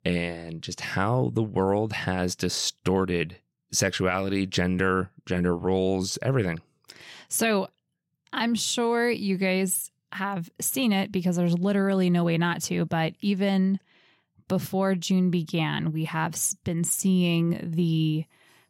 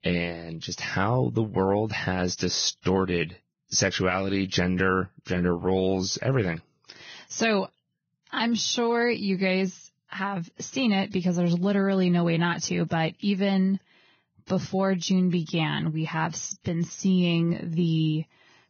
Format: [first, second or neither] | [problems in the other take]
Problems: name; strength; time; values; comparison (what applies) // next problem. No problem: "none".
first | garbled, watery; badly; nothing above 6.5 kHz